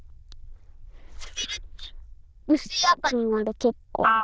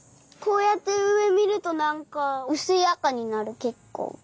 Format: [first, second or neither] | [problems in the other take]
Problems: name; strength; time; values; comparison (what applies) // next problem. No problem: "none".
second | noise reduction (neural diffusion model UNIVERSE++)